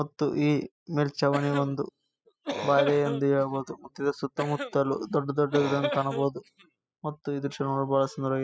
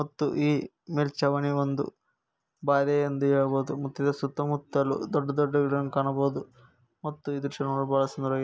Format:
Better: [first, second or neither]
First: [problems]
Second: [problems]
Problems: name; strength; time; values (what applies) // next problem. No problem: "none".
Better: second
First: noise reduction (classical method spectral subtraction)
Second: none